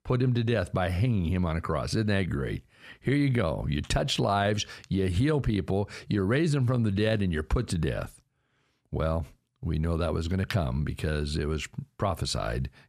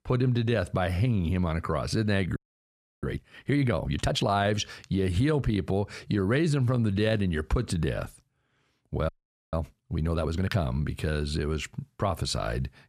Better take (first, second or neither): first